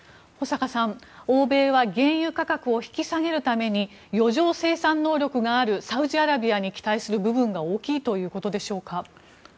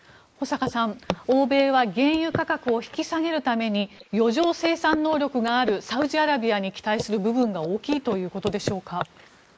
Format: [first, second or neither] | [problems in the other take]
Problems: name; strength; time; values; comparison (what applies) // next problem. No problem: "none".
first | noise reduction (neural mask model Resemble Enhance denoiser)